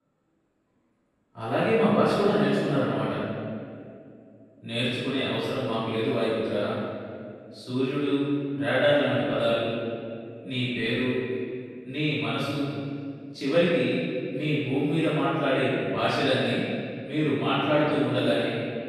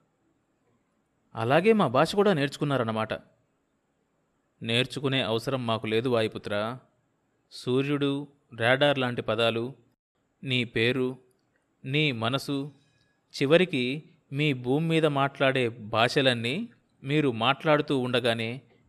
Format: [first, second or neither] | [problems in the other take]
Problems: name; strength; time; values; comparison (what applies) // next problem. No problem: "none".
second | room echo; strong; dies away in 2.1 s // off-mic speech; far